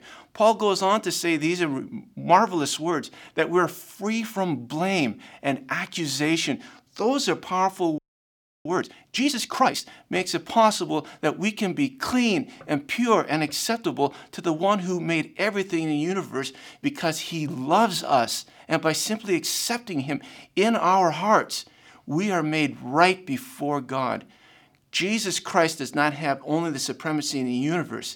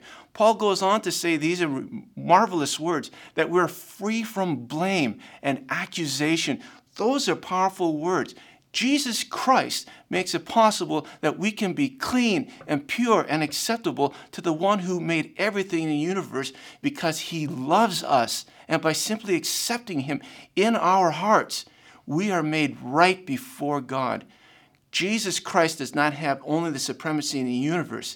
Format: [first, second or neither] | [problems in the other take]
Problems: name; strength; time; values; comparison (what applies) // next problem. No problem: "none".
second | audio freezing; at 8 s for 0.5 s